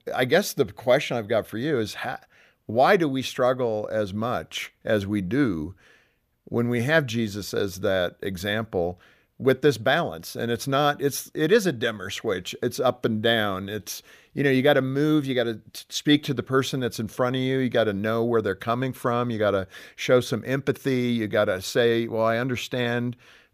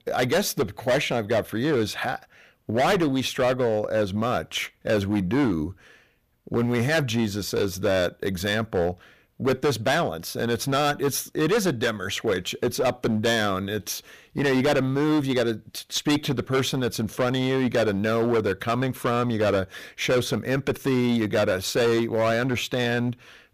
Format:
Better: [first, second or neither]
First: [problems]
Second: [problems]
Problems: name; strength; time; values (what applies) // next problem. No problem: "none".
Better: first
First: none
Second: distortion; heavy; 14% of the sound clipped